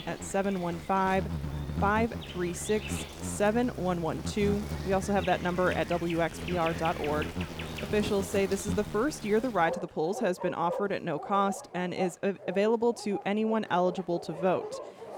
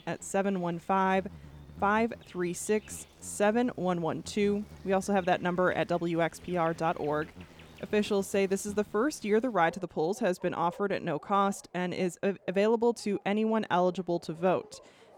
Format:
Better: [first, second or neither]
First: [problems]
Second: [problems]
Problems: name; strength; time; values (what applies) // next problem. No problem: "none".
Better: second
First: animal sounds; loud; throughout; 9 dB below the speech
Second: animal sounds; faint; throughout; 25 dB below the speech